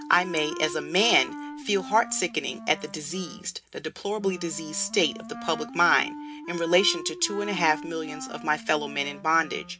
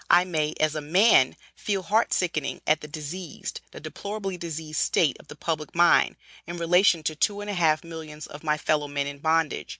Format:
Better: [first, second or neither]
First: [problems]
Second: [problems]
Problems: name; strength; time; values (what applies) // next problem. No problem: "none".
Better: second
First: background sound (Wind instrument, woodwind instrument); 13 dB below the speech // room echo; dies away in 0.3 s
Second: none